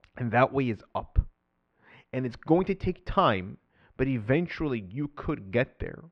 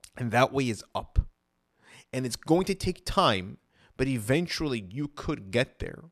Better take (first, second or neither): second